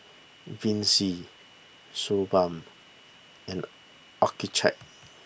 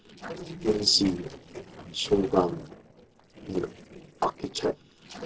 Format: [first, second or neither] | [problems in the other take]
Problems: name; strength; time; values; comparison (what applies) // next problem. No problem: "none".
first | noise reduction (neural separator model SepFormer DNS4)